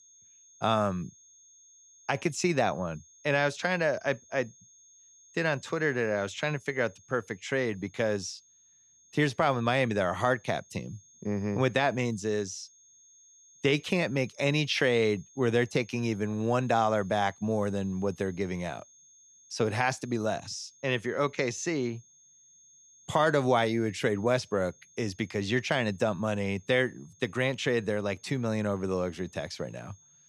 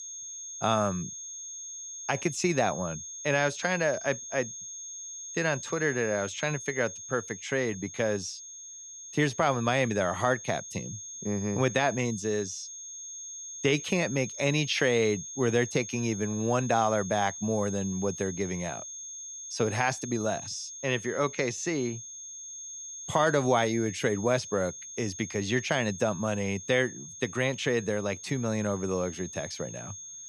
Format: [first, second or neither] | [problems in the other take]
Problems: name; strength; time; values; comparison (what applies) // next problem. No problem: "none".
first | high-pitched whine; loud; throughout; 6.5 kHz, 10 dB below the speech; faint in the first